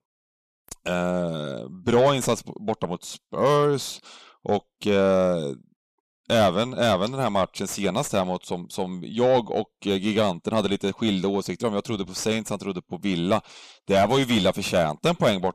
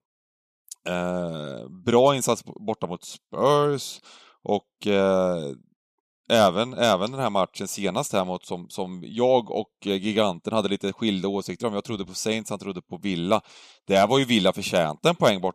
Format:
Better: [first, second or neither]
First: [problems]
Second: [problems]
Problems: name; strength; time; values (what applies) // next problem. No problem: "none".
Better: second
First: distortion; slight; 10 dB below the speech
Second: none